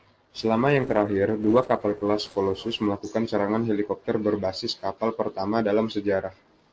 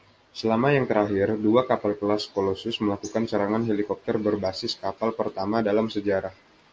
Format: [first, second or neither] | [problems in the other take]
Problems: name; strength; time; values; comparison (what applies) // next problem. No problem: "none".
second | noise reduction (neural separator model SepFormer DNS4)